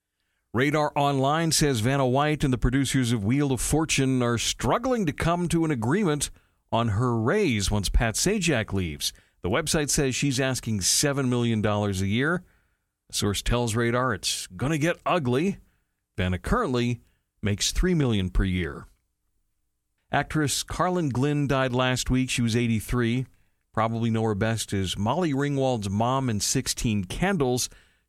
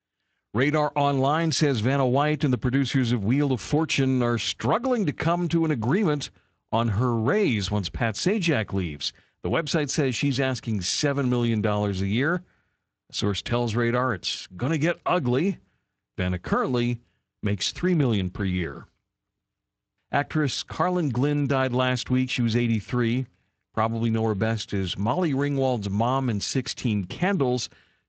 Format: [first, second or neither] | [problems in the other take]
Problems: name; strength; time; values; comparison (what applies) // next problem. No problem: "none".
first | garbled, watery; slightly; nothing above 7.5 kHz